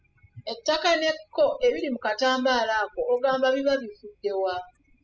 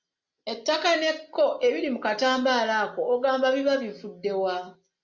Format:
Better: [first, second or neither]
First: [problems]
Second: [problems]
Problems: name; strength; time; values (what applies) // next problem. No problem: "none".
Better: second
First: noise reduction (classical method spectral subtraction)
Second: none